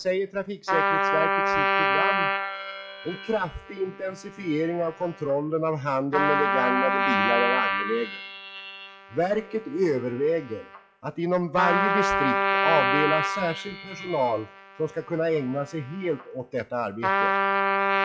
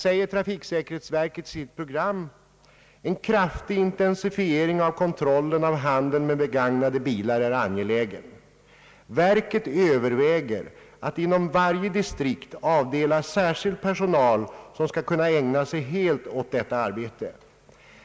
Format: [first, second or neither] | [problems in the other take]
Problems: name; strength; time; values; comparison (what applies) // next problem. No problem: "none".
second | noise reduction (classical method log-MMSE)